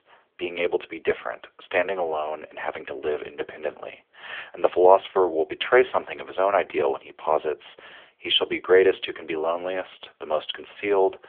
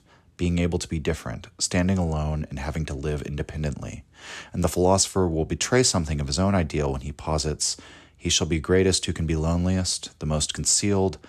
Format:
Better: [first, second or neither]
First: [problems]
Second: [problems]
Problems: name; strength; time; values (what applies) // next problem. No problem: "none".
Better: second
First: phone-call audio; poor line; nothing above 3.5 kHz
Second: none